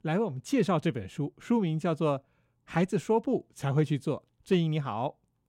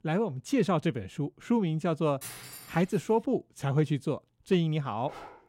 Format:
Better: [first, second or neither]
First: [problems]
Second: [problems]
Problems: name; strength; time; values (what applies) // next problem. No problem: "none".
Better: first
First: none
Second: clattering dishes; faint; at 2 s; peak 10 dB below the speech // dog barking; faint; at 5 s; peak 15 dB below the speech